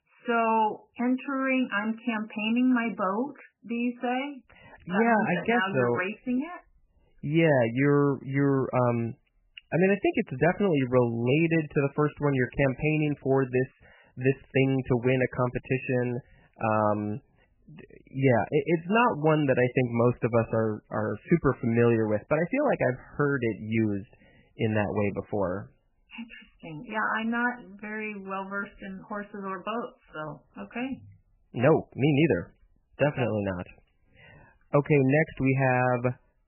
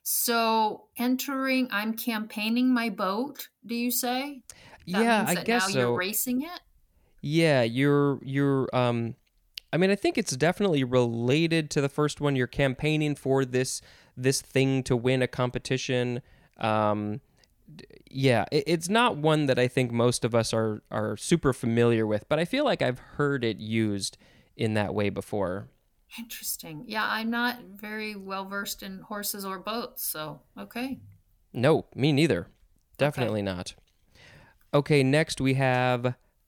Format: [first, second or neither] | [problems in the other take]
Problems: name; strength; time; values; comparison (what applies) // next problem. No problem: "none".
second | garbled, watery; badly; nothing above 3 kHz